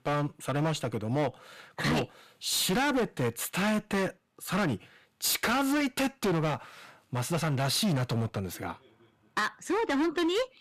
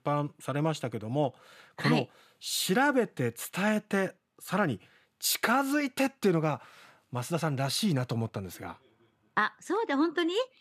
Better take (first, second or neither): second